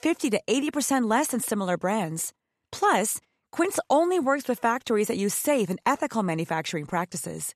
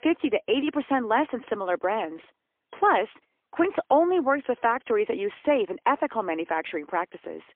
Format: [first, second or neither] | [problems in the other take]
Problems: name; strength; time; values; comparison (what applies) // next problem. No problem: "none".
first | phone-call audio; poor line; nothing above 3.5 kHz